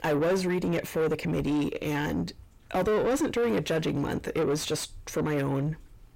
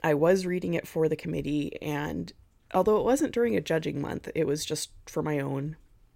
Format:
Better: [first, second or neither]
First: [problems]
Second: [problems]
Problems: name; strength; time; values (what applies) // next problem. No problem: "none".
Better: second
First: distortion; heavy; 6 dB below the speech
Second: none